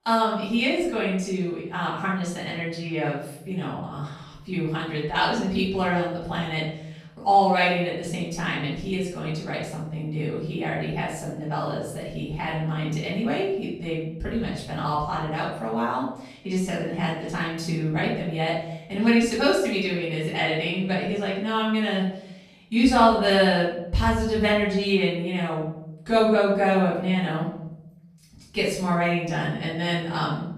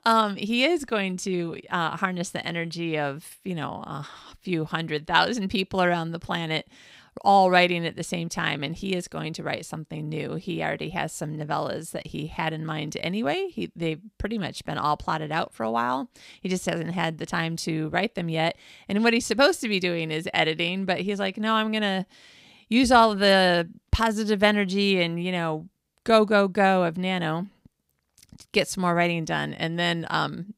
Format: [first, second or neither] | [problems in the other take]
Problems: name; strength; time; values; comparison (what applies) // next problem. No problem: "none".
second | off-mic speech; far // room echo; noticeable; dies away in 0.8 s